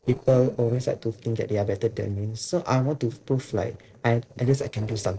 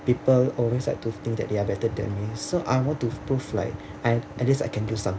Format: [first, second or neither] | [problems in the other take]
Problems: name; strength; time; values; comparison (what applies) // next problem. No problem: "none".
second | noise reduction (neural separator model SepFormer DNS4)